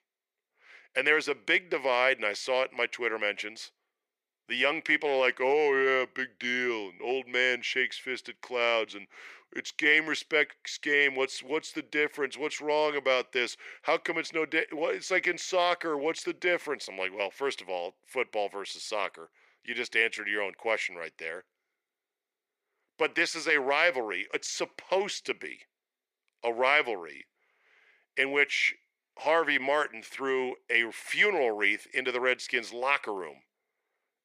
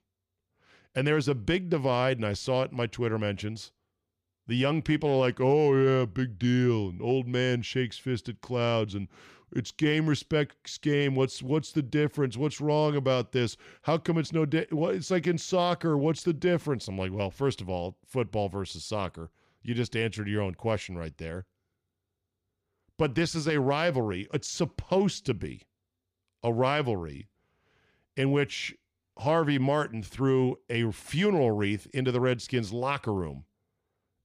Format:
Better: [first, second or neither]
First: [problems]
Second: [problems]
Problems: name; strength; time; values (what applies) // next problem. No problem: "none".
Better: second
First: thin; very; fading below 400 Hz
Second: none